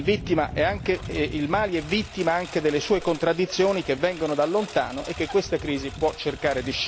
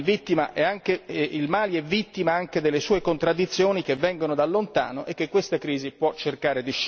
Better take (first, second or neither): second